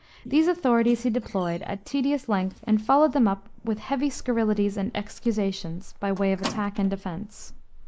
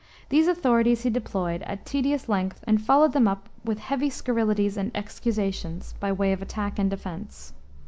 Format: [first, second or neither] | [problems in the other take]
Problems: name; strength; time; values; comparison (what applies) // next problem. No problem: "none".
second | noise reduction (neural mask model Resemble Enhance denoiser)